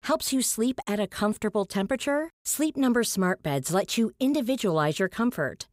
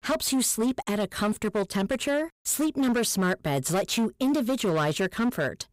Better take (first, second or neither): first